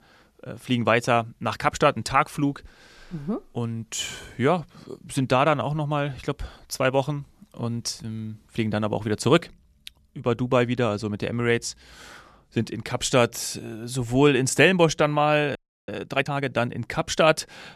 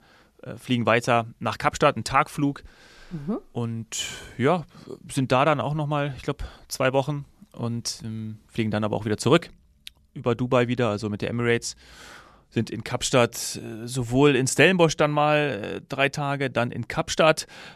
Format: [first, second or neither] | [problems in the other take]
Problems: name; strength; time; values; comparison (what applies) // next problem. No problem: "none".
second | audio freezing; at 16 s